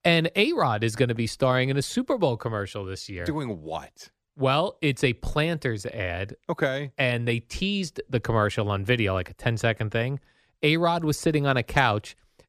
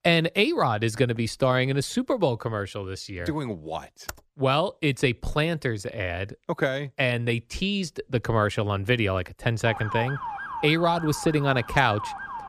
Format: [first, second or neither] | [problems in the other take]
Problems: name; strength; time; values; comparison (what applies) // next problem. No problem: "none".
first | keyboard typing; very faint; at 4 s; peak 15 dB below the speech // siren; noticeable; from 9.5 s on; peak 6 dB below the speech